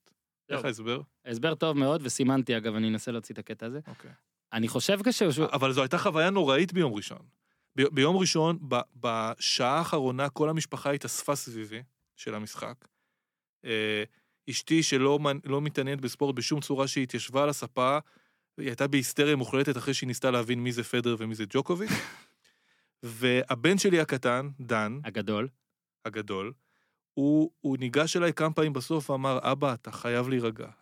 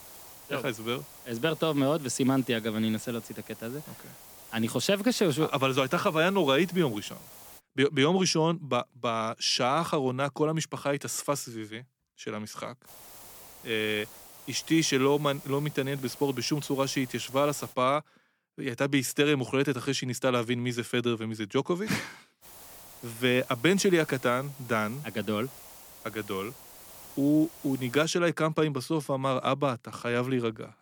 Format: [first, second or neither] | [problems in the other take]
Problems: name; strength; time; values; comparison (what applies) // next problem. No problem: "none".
first | hiss; noticeable; until 7.5 s, from 13 to 18 s and from 22 to 28 s; 20 dB below the speech